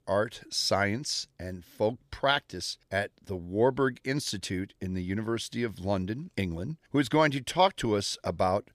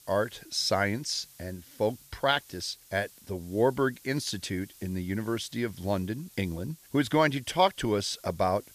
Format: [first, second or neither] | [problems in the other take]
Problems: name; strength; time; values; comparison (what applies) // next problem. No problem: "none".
first | hiss; faint; throughout; 20 dB below the speech